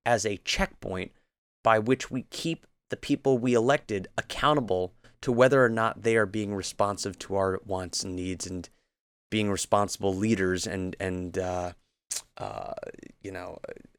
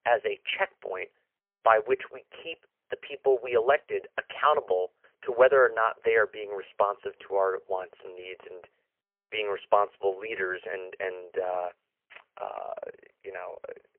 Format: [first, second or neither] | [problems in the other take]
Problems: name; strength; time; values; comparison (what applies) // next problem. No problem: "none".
first | phone-call audio; poor line; nothing above 3 kHz